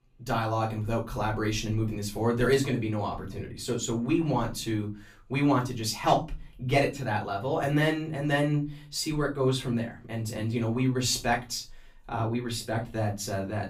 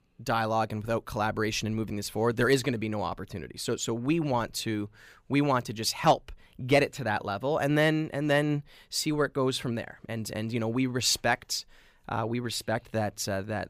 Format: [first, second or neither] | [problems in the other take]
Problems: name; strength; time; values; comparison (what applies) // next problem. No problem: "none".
second | off-mic speech; far // room echo; very slight; dies away in 0.3 s